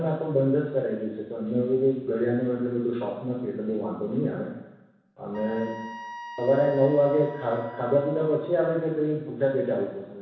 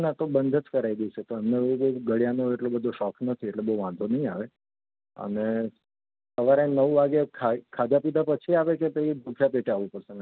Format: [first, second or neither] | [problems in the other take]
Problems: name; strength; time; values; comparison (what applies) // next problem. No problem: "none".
second | background sound (Wind instrument, woodwind instrument); 16 dB below the speech // room echo; dies away in 1.1 s